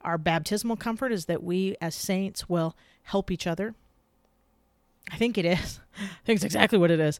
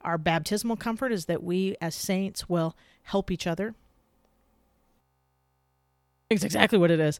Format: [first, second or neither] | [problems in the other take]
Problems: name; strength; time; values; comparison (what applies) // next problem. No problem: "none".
first | audio freezing; at 5 s for 1.5 s